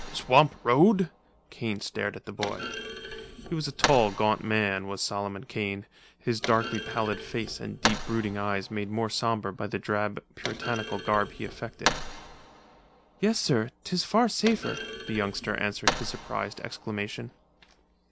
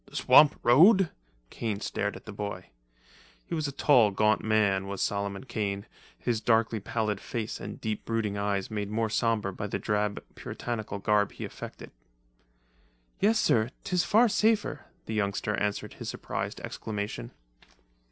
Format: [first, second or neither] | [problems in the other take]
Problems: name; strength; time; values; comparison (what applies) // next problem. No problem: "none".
second | background sound (Thump, thud); 8 dB below the speech